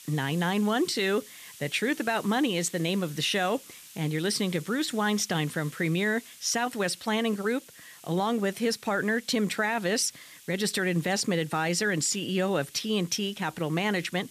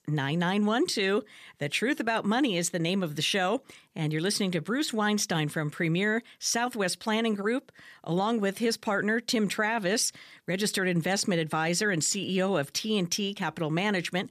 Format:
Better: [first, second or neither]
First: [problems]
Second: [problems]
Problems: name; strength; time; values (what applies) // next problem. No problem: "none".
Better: second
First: hiss; noticeable; throughout; 20 dB below the speech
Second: none